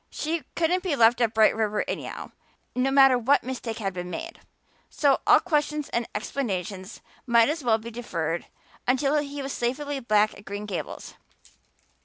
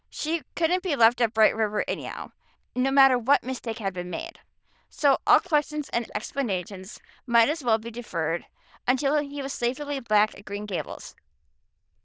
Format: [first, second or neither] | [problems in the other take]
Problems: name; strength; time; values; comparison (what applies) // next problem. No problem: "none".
first | noise reduction (neural diffusion model UNIVERSE++)